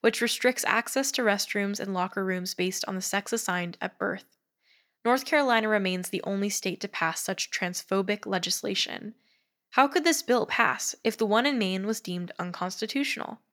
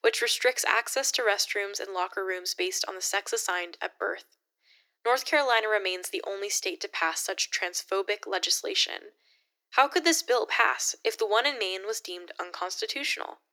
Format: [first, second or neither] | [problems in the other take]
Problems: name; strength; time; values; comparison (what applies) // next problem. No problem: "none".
first | thin; very; fading below 300 Hz